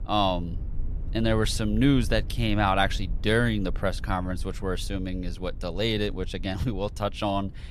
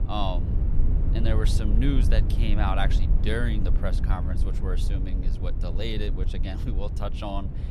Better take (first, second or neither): first